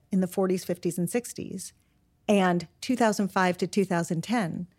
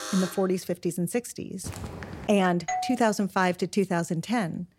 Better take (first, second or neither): first